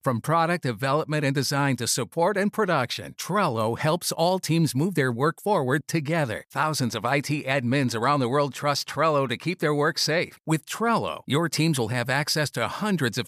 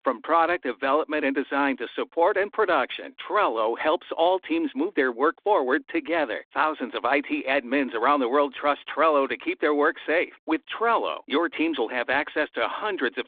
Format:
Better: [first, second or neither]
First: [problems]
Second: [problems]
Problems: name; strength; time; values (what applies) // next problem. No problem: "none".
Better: first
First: none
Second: phone-call audio